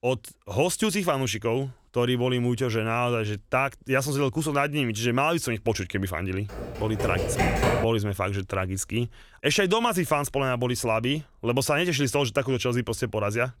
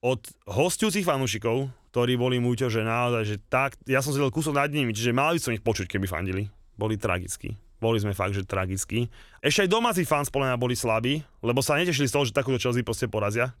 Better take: second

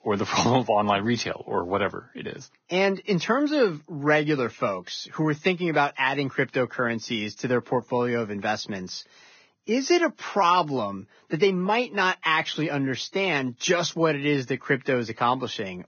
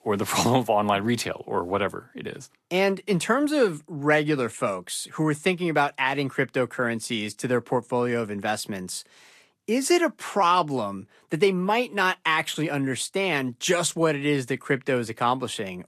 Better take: second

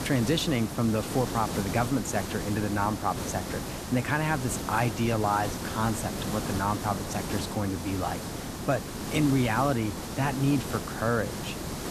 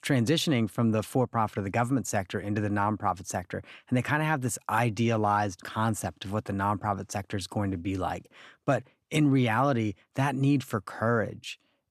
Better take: second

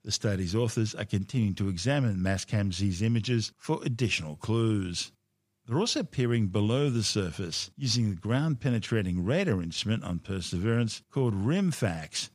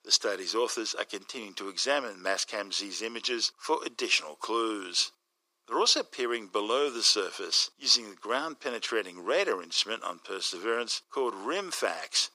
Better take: first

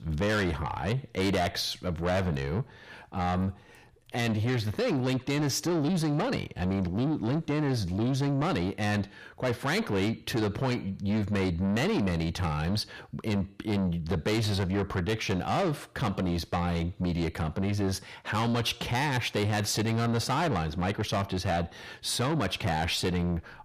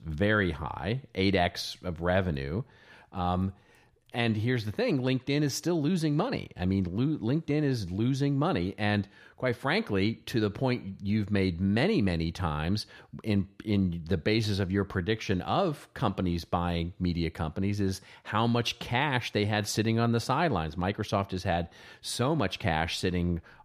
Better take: second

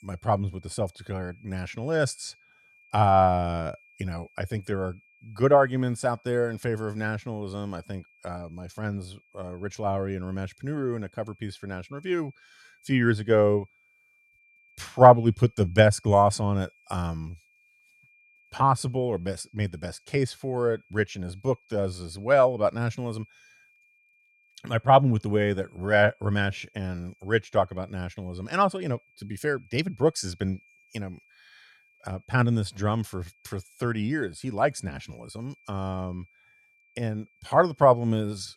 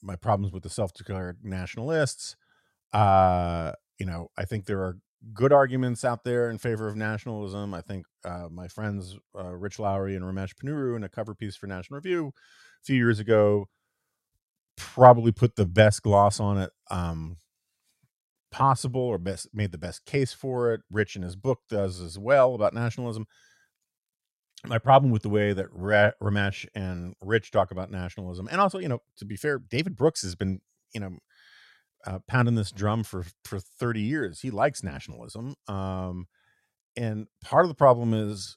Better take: second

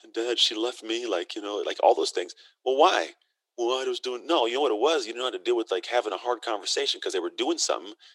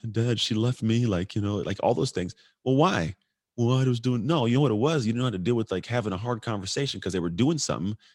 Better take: second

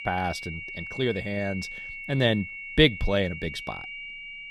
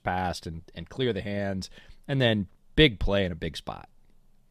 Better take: second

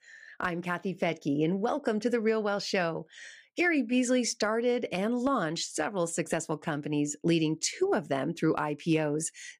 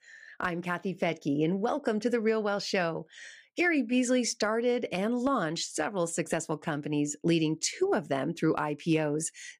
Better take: neither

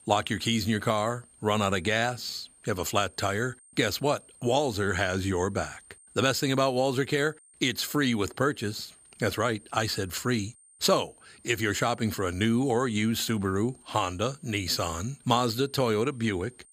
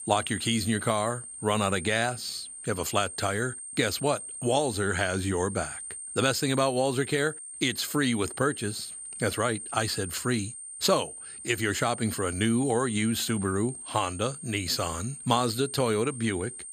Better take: first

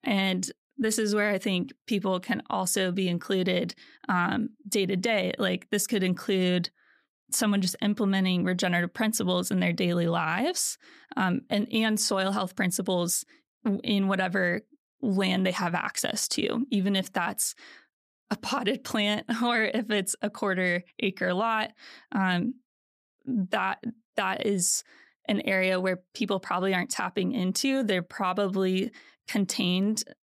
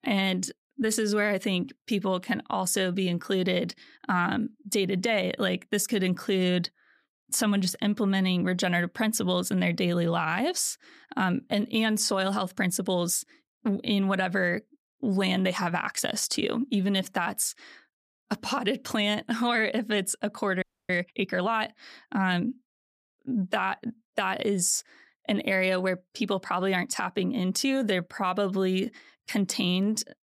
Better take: first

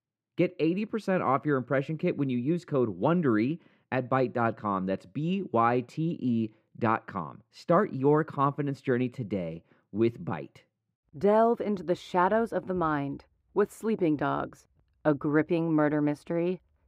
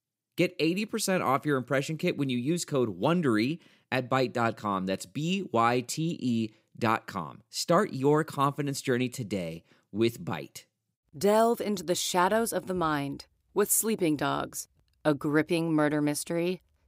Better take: second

